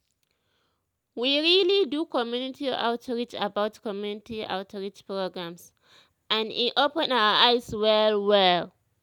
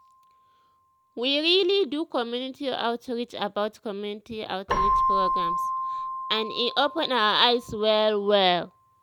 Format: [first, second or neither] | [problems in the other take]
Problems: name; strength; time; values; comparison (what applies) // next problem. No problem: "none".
first | background sound (Keyboard (musical)); 5 dB below the speech